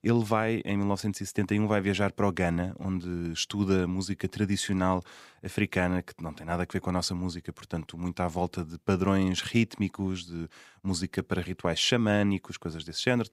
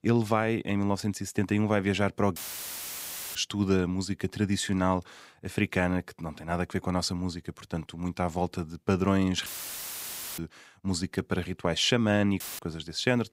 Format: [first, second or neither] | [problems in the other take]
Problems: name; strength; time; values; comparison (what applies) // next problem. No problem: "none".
first | audio cutting out; filled with static; at 2.5 s for 1 s, at 9.5 s for 1 s and at 12 s